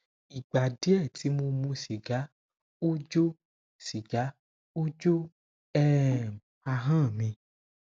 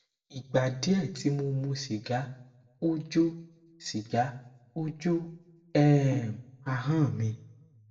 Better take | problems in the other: first | room echo; dies away in 0.6 s

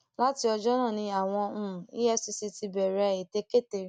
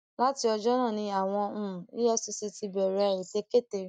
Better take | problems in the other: first | noise reduction (neural mask model DeepFilterNet 3)

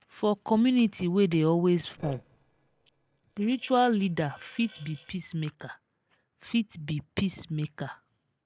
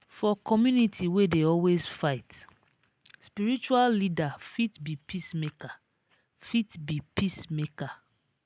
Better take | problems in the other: second | noise reduction (neural separator model SepFormer DNS4)

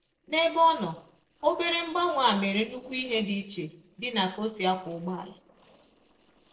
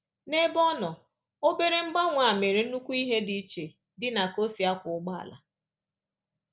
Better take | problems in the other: second | noise reduction (neural separator model SepFormer DNS4)

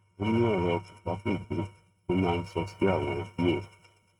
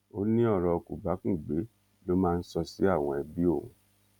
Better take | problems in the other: second | noise reduction (neural mask model RNNoise)

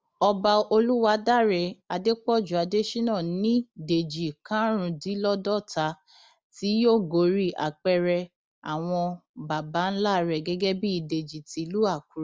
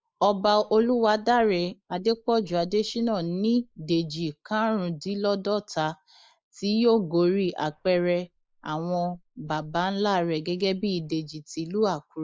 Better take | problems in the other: first | noise reduction (neural mask model Resemble Enhance denoiser)

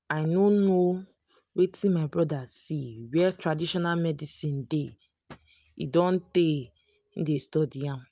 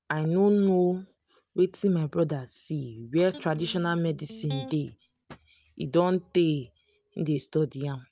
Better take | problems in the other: first | background sound (Electric guitar); 16 dB below the speech

